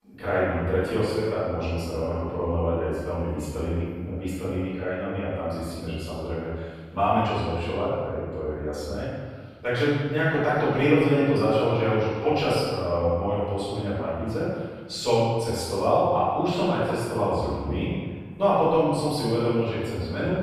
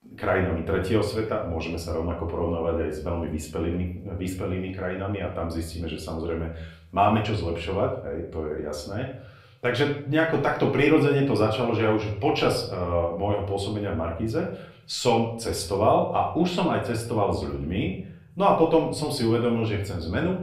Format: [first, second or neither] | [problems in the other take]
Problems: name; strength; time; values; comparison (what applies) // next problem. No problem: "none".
second | room echo; strong; dies away in 1.5 s; slight in the second // off-mic speech; far; somewhat distant in the second